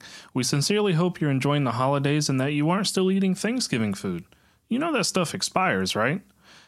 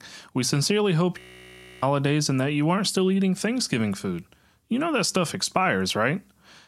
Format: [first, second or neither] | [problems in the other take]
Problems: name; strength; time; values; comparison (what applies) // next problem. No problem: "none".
first | audio freezing; at 1 s for 0.5 s